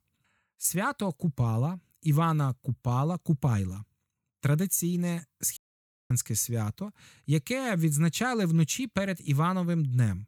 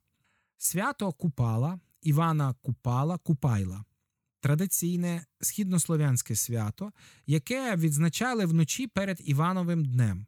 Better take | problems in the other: second | audio cutting out; at 5.5 s for 0.5 s

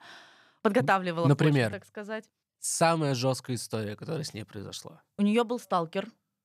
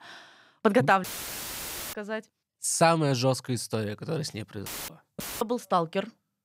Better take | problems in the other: first | audio cutting out; filled with static; at 1 s for 1 s, at 4.5 s and at 5 s

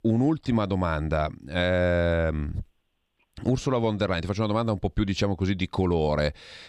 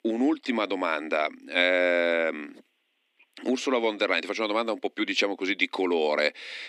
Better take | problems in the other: first | thin; somewhat; fading below 250 Hz

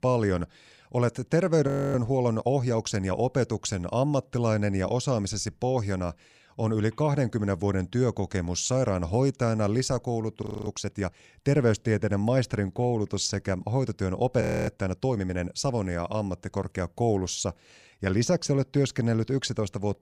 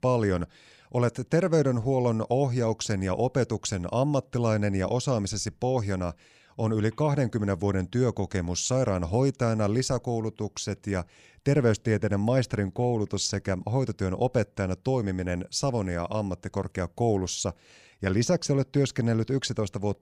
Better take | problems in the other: second | audio freezing; at 1.5 s, at 10 s and at 14 s

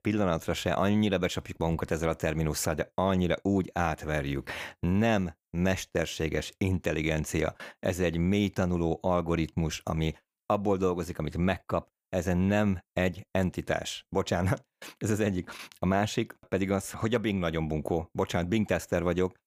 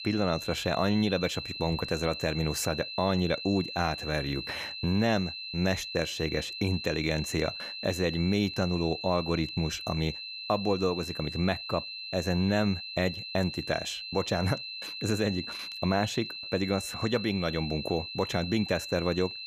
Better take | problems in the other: first | high-pitched whine; loud; throughout; 4 kHz, 7 dB below the speech

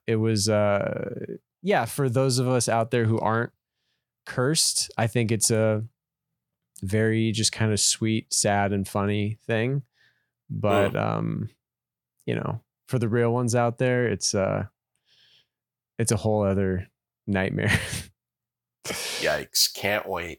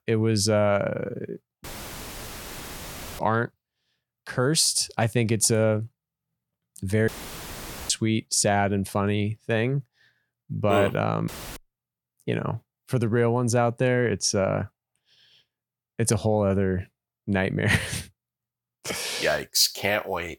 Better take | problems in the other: first | audio cutting out; filled with static; at 1.5 s for 1.5 s, at 7 s for 1 s and at 11 s

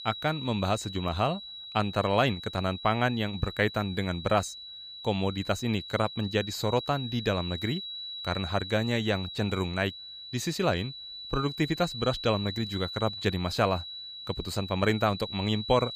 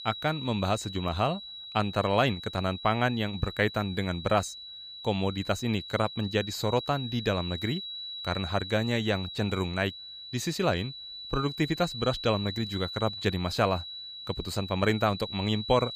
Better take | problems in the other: neither | high-pitched whine; loud; throughout; 4 kHz, 9 dB below the speech; the same in both

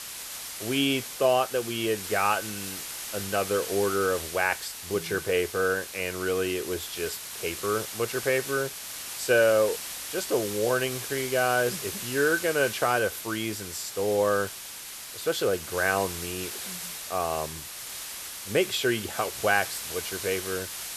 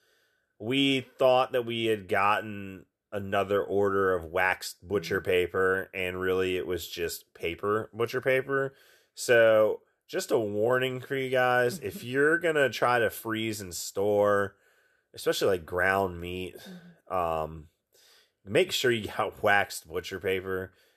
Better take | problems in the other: second | hiss; loud; throughout; 7 dB below the speech

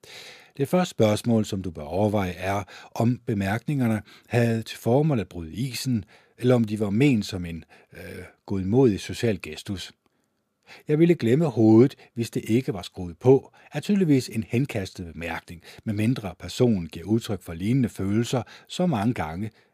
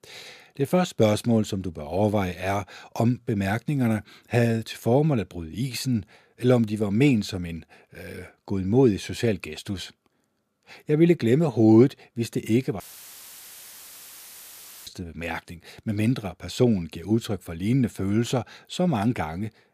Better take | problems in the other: first | audio cutting out; filled with static; at 13 s for 2 s

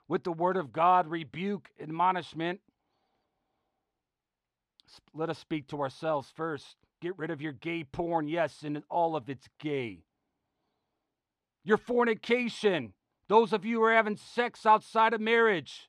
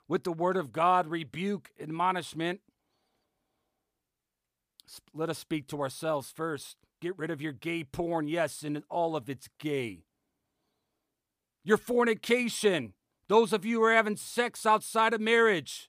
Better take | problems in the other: second | muffled; slightly; fading above 4 kHz

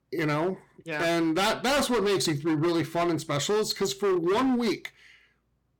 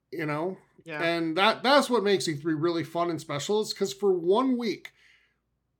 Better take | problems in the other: second | distortion; heavy; 19% of the sound clipped

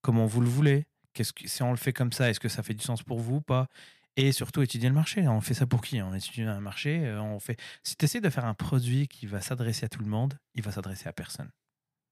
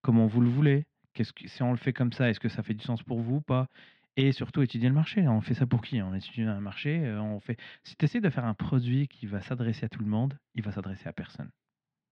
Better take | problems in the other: first | muffled; slightly; fading above 3.5 kHz

